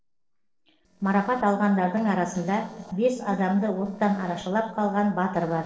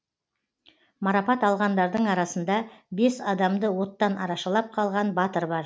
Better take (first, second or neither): second